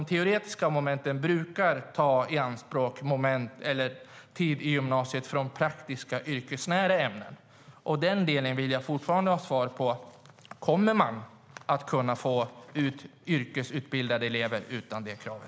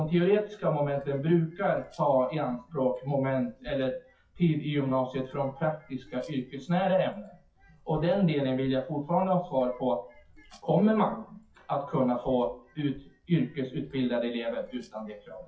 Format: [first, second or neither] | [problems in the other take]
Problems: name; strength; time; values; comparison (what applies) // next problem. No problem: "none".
first | noise reduction (classical method WPE with log-MMSE)